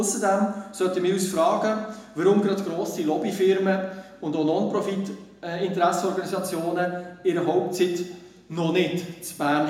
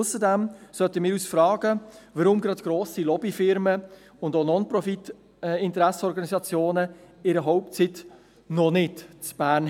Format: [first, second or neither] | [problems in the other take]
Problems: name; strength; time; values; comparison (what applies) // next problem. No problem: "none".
second | room echo; dies away in 0.9 s